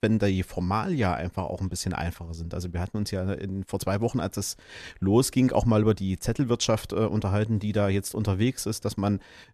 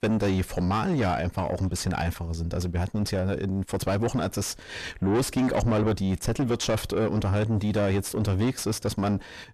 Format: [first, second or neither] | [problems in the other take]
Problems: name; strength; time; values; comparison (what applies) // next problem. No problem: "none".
first | distortion; heavy; 6 dB below the speech